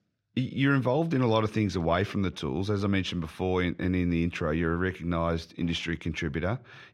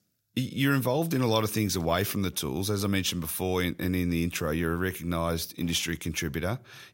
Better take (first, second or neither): second